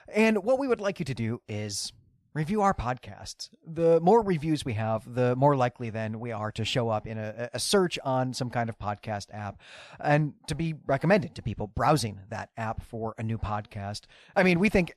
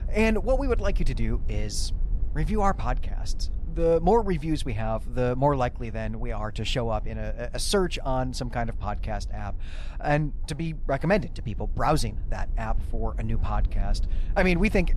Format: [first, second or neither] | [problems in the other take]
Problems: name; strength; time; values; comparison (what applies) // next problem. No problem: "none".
first | low rumble; faint; throughout; 25 dB below the speech